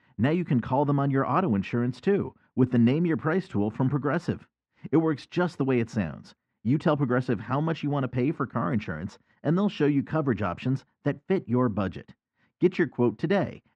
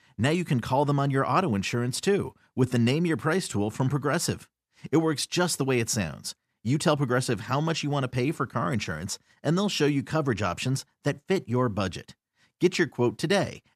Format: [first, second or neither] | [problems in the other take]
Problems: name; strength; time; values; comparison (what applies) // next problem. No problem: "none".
second | muffled; very; fading above 2 kHz